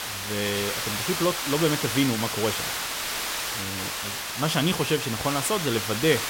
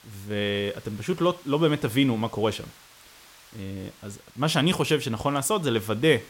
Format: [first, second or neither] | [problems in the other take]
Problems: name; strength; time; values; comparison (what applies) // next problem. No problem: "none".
second | hiss; loud; throughout; 2 dB below the speech; faint in the second